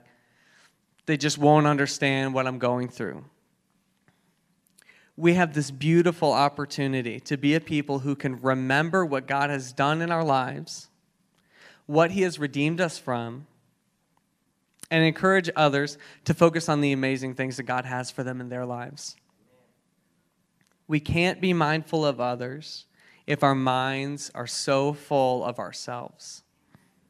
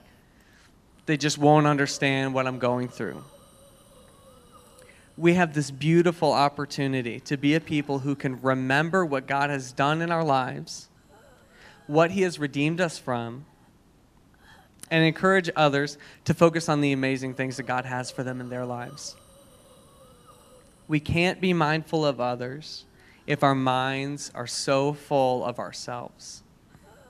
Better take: first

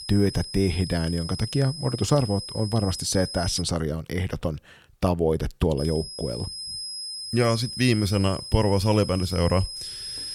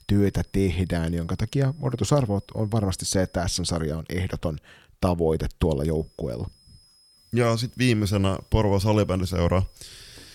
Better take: second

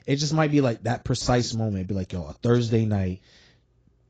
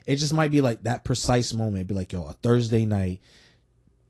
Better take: second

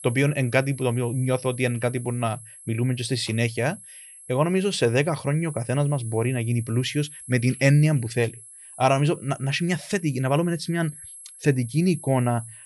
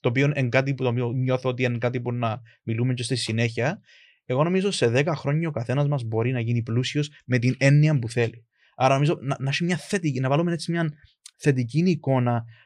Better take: second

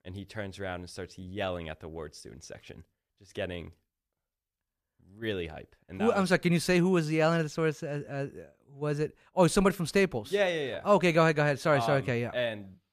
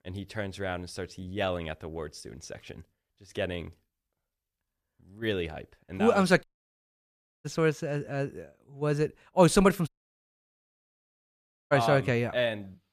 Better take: first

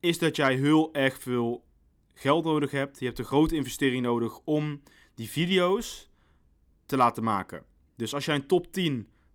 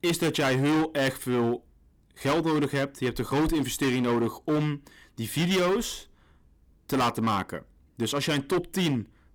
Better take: first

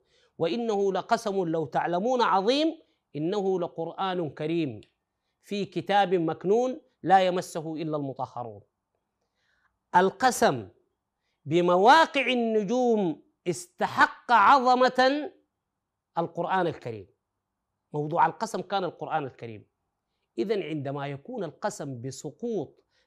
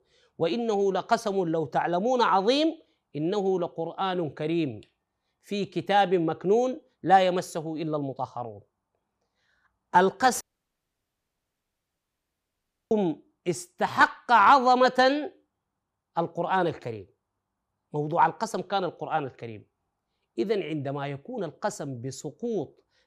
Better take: first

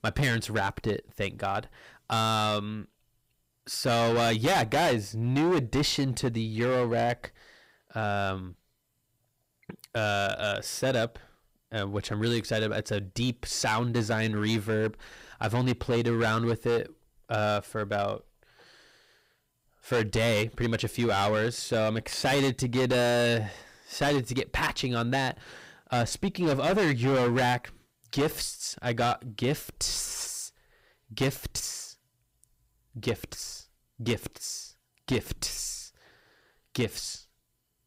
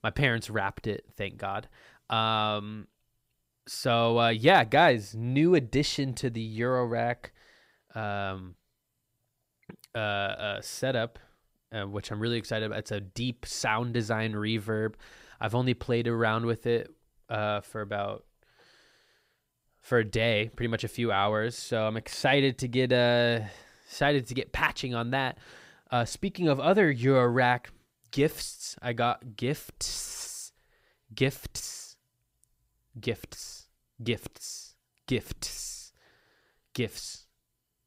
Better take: second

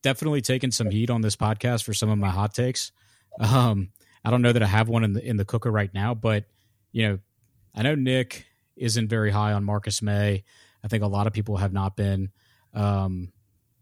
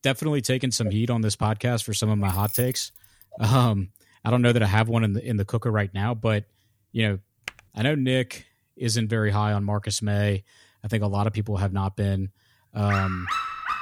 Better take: first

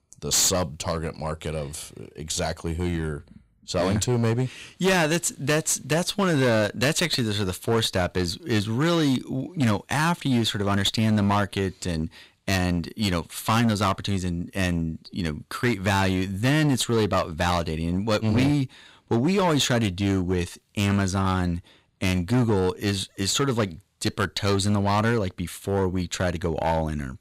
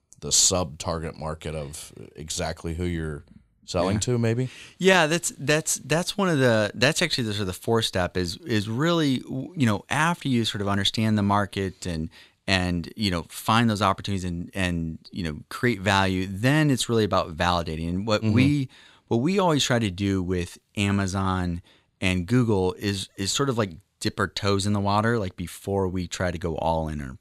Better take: second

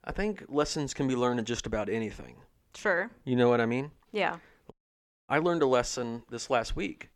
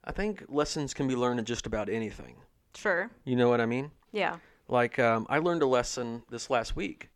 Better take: second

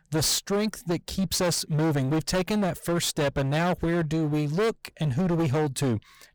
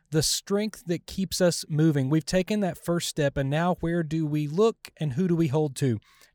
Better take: second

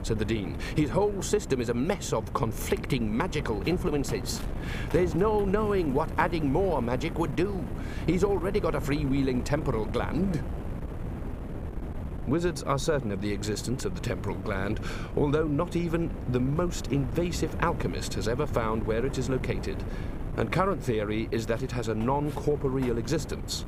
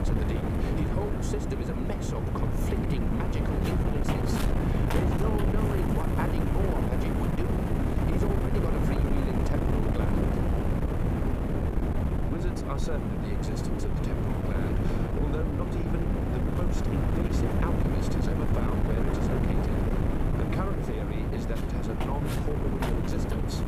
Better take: first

